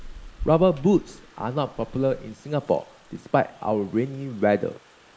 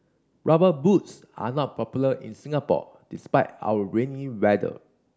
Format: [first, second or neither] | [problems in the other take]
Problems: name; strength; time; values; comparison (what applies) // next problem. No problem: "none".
second | noise reduction (neural mask model Resemble Enhance denoiser)